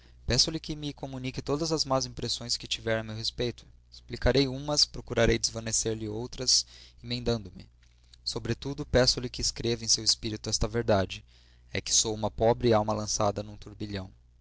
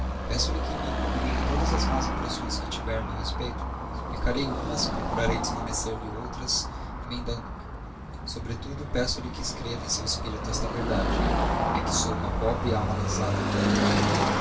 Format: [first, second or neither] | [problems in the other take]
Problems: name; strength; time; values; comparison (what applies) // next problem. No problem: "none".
first | background sound (Car passing by / Traffic noise, roadway noise); 4 dB above the speech // room echo; dies away in 0.2 s